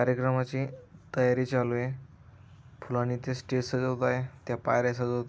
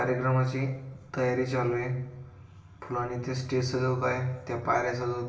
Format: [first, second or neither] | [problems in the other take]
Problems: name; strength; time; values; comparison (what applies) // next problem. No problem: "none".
first | room echo; dies away in 0.8 s